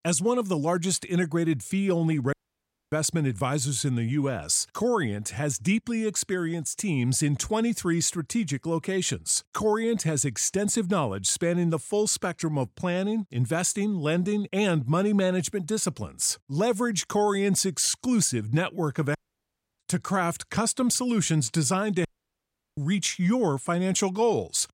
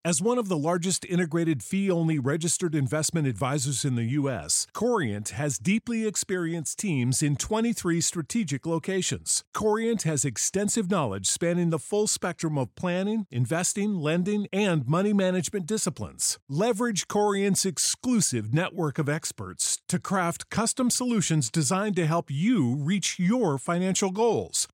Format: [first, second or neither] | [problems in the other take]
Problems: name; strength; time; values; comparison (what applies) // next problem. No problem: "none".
second | audio cutting out; at 2.5 s for 0.5 s, at 19 s for 0.5 s and at 22 s for 0.5 s